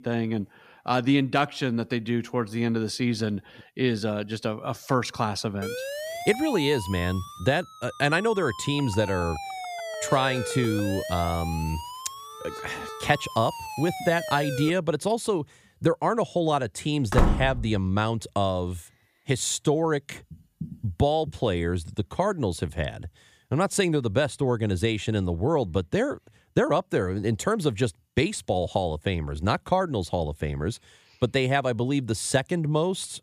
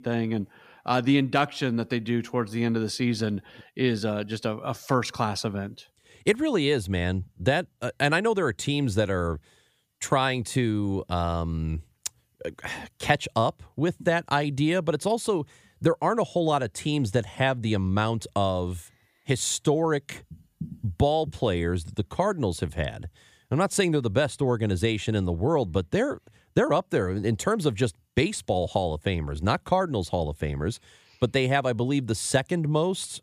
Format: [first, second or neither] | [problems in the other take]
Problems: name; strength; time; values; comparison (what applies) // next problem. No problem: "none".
second | siren; noticeable; from 5.5 to 15 s; peak 6 dB below the speech // door banging; loud; at 17 s; peak 2 dB above the speech